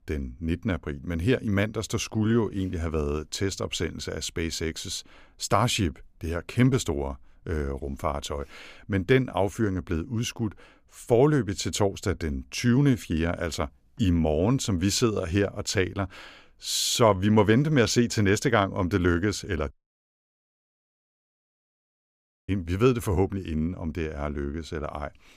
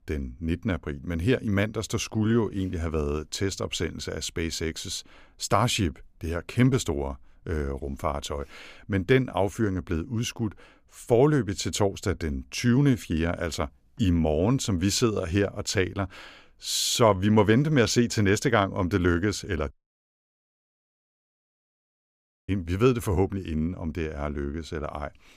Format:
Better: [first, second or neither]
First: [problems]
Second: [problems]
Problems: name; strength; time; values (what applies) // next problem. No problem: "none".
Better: neither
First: audio cutting out; at 20 s for 3 s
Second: audio cutting out; at 20 s for 3 s